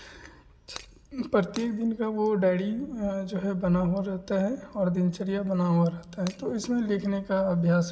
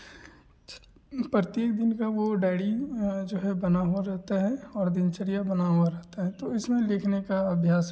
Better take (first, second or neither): second